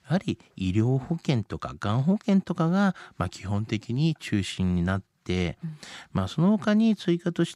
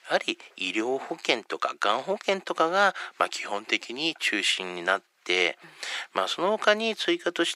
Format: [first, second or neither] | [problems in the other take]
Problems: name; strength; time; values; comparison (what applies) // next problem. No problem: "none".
first | thin; very; fading below 400 Hz